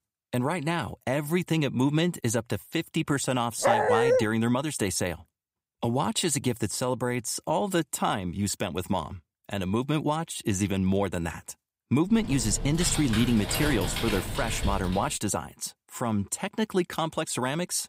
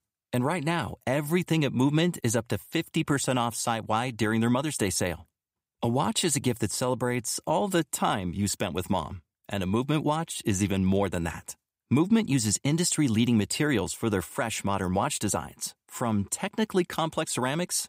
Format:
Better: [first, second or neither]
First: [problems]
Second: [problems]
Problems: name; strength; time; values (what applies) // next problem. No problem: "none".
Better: second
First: dog barking; loud; at 3.5 s; peak 5 dB above the speech // keyboard typing; noticeable; from 12 to 15 s; peak 2 dB below the speech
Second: none